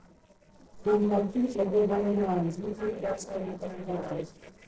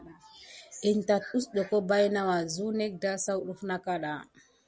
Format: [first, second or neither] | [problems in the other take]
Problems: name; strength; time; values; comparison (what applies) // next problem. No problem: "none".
second | noise reduction (neural separator model SepFormer DNS4)